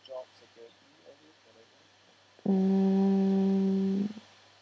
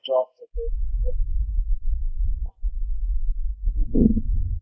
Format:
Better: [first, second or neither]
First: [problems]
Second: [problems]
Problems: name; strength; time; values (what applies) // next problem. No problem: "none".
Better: first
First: none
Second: noise reduction (neural mask model Resemble Enhance denoiser)